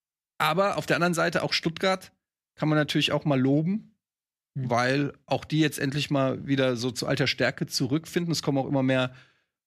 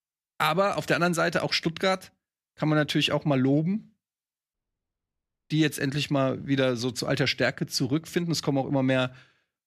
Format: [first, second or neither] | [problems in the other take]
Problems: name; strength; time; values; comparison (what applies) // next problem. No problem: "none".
first | audio cutting out; at 4.5 s for 1 s